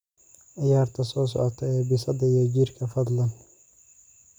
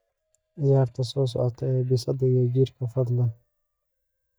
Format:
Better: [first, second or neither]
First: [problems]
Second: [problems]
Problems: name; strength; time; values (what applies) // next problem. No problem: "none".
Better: first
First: none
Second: noise reduction (neural mask model DeepFilterNet 3)